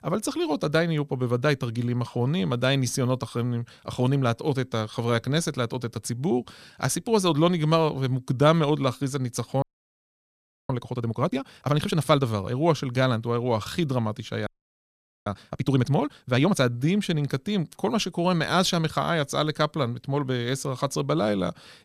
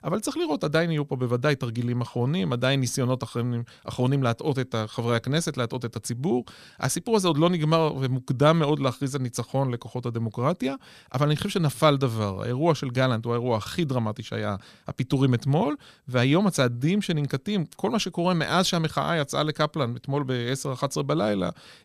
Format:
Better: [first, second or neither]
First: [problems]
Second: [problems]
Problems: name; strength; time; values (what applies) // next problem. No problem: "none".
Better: second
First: audio freezing; at 9.5 s for 1 s and at 14 s for 1 s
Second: none